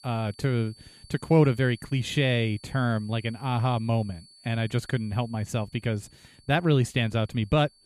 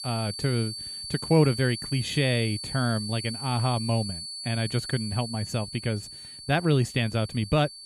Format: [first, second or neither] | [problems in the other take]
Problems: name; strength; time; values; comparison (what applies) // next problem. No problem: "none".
first | high-pitched whine; loud; throughout; 4.5 kHz, 8 dB below the speech; faint in the first